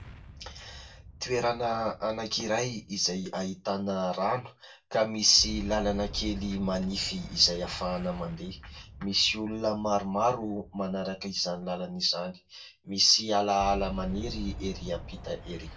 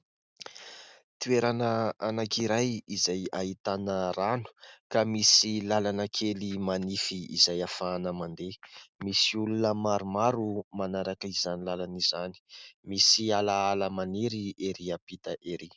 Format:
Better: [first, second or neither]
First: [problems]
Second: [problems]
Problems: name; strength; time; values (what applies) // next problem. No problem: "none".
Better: second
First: background sound (Boom); 14 dB below the speech // room echo; dies away in 0.2 s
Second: none